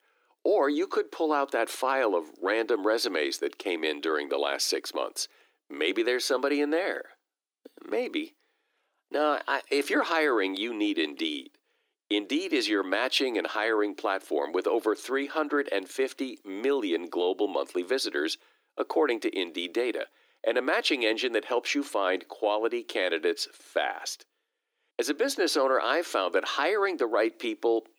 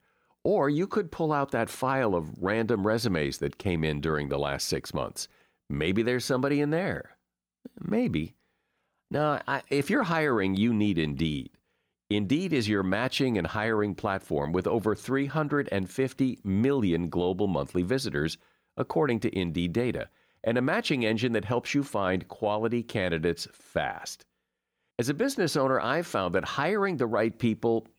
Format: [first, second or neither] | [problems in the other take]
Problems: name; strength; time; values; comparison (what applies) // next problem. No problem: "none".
second | thin; somewhat; fading below 300 Hz